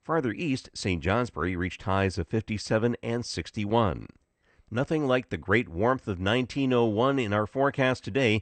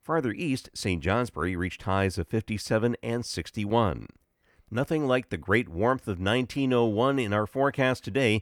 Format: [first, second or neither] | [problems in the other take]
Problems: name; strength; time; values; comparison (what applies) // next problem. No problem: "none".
second | garbled, watery; slightly; nothing above 8.5 kHz